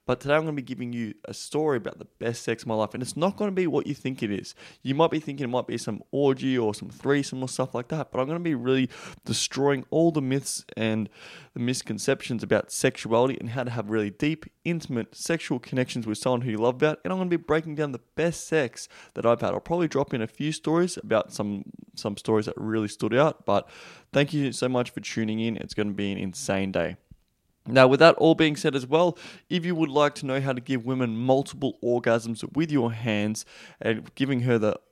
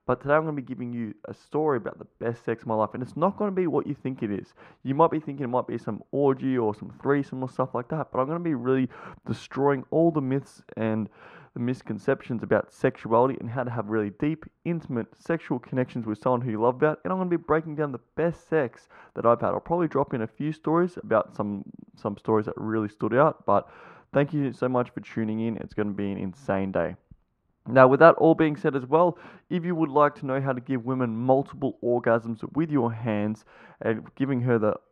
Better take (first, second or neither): first